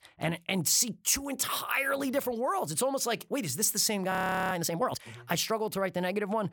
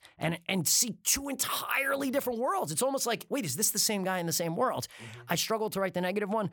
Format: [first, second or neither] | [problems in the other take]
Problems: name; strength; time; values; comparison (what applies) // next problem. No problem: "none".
second | audio freezing; at 4 s